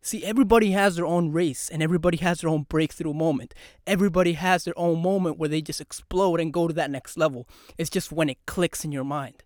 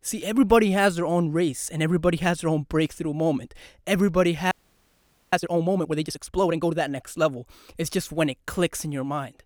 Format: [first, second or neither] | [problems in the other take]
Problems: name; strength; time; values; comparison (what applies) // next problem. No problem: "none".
first | audio freezing; at 4.5 s for 1 s